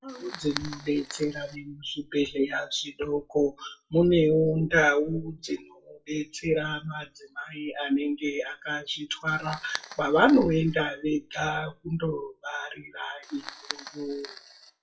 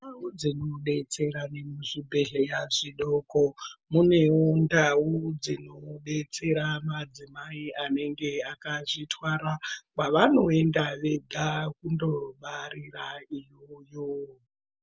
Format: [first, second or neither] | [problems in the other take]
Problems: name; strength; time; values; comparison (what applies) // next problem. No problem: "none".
second | noise reduction (classical method WPE with log-MMSE)